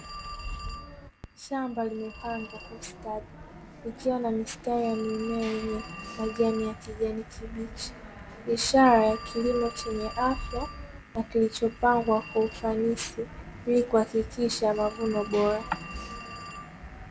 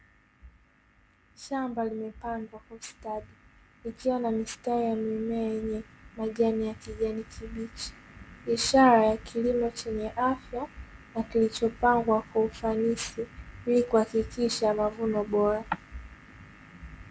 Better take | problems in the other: second | background sound (Telephone); 14 dB below the speech

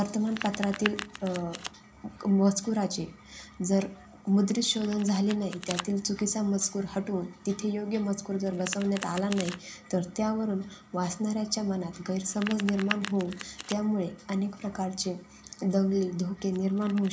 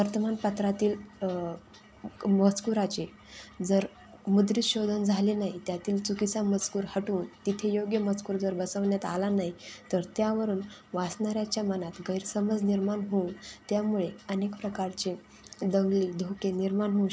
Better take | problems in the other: second | background sound (Domestic sounds, home sounds); 15 dB below the speech // room echo; dies away in 0.4 s

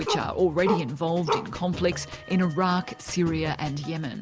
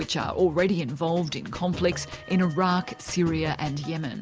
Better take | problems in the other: second | background sound (Bark); 5 dB below the speech

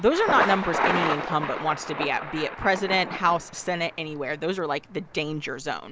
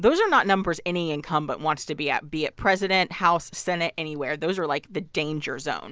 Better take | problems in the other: second | background sound (Thunder); 5 dB below the speech

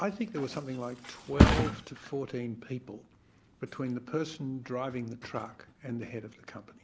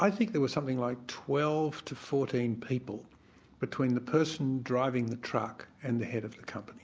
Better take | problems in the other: second | background sound (Thump, thud); 4 dB above the speech

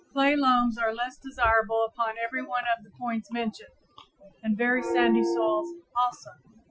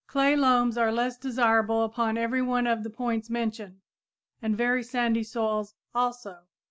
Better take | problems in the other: second | noise reduction (classical method Wiener filter)

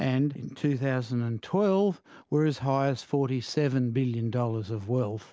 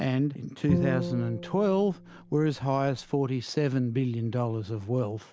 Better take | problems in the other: first | background sound (Bowed string instrument); 5 dB below the speech

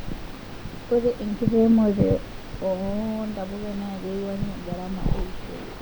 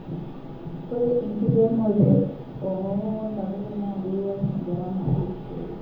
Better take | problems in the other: first | room echo; dies away in 0.7 s

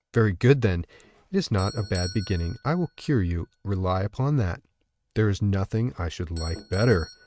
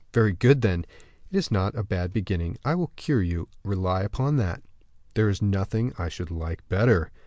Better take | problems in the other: second | noise reduction (neural mask model RNNoise)

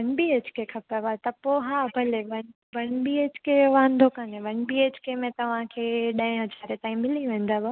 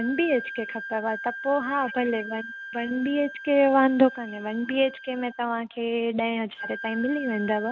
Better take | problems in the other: first | background sound (Wind instrument, woodwind instrument); 12 dB below the speech

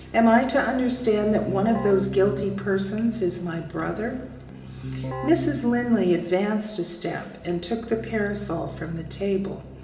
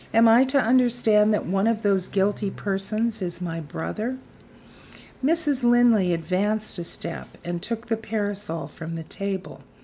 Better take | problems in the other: second | background sound (Keyboard (musical)); 12 dB below the speech // room echo; dies away in 1 s

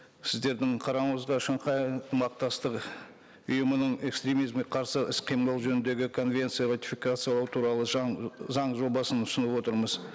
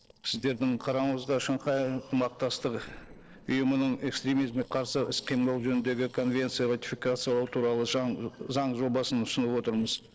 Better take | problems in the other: first | noise reduction (neural separator model SepFormer DNS4)

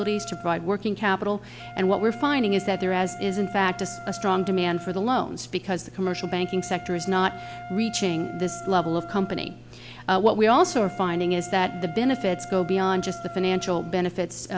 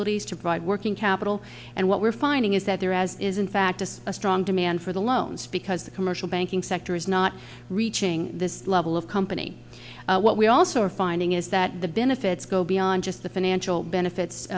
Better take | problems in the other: second | background sound (Wind instrument, woodwind instrument); 15 dB below the speech

